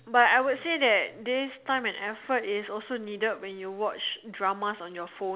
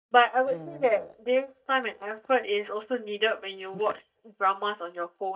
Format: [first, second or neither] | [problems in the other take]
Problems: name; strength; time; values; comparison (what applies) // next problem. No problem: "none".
first | noise reduction (neural mask model DeepFilterNet 3)